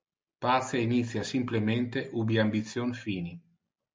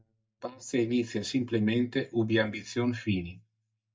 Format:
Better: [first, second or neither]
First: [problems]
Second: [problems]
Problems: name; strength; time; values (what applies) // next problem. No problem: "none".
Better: first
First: none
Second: noise reduction (neural mask model DeepFilterNet 3)